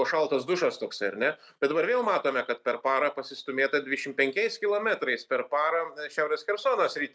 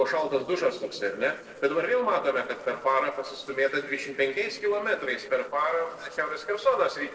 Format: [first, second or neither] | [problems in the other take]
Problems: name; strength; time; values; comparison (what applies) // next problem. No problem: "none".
first | noise reduction (neural separator model SepFormer DNS4)